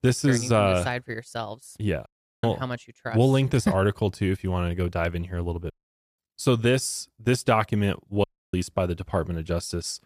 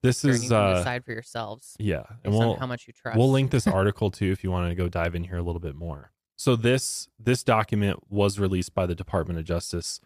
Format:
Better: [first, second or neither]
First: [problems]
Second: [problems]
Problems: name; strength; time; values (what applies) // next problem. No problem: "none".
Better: second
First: audio cutting out; at 2 s, at 5.5 s and at 8 s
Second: none